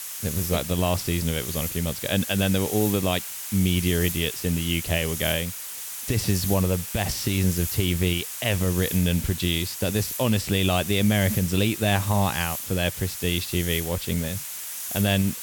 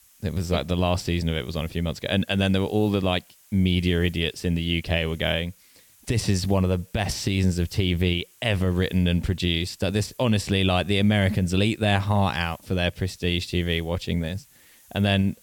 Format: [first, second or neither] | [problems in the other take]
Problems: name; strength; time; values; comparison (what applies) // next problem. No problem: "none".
second | hiss; loud; throughout; 6 dB below the speech; faint in the second